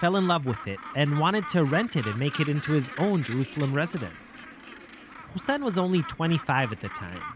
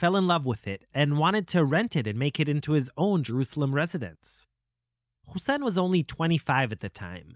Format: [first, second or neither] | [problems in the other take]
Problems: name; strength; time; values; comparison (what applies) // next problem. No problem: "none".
second | background sound (Gull, seagull); 14 dB below the speech